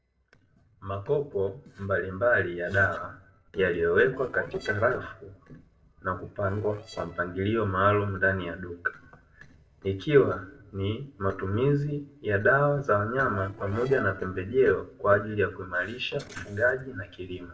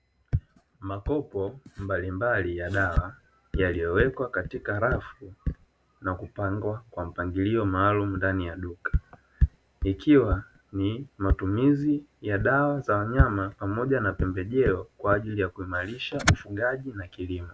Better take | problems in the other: second | noise reduction (neural separator model SepFormer DNS4)

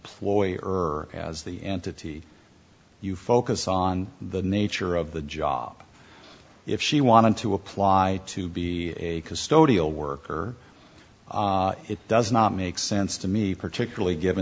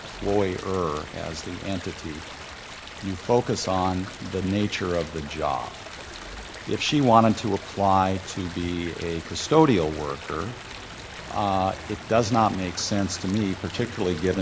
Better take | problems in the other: first | background sound (Stream); 13 dB below the speech

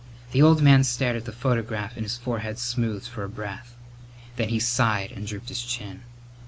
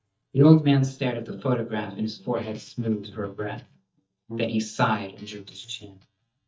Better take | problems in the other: first | noise reduction (neural mask model DeepFilterNet 3)

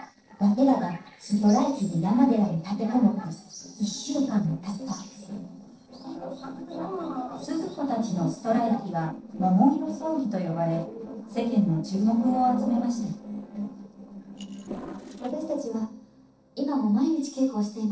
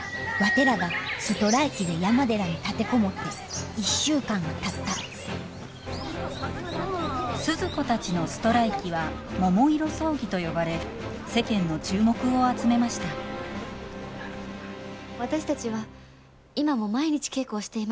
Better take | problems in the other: second | noise reduction (neural separator model SepFormer DNS4)

